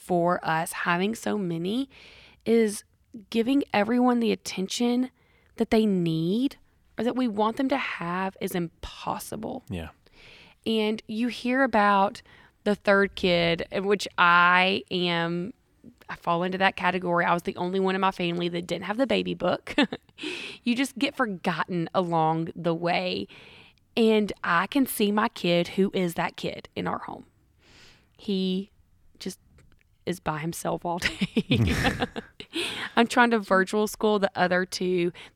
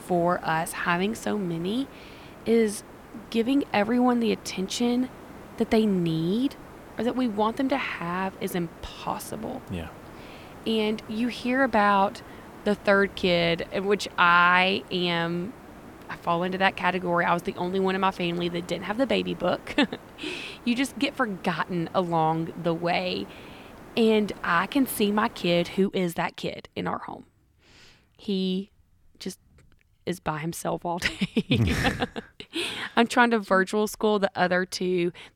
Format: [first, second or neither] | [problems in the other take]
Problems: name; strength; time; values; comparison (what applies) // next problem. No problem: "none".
first | hiss; noticeable; until 26 s; 20 dB below the speech